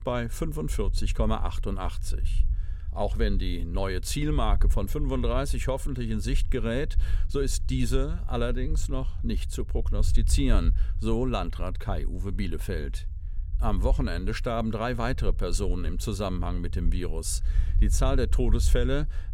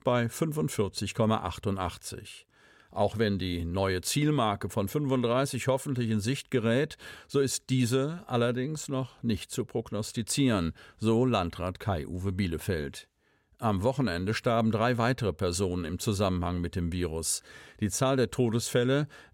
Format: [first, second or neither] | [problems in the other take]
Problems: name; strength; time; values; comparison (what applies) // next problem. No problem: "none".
second | low rumble; noticeable; throughout; 20 dB below the speech